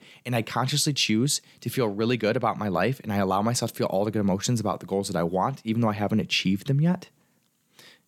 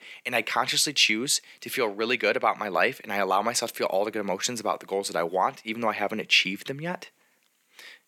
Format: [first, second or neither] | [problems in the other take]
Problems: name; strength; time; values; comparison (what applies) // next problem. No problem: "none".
first | thin; somewhat; fading below 400 Hz